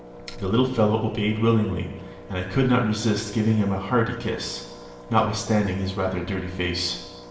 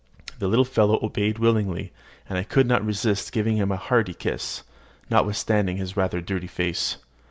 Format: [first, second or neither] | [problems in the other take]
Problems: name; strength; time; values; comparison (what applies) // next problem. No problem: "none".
second | background sound (Engine); 18 dB below the speech // room echo; dies away in 1 s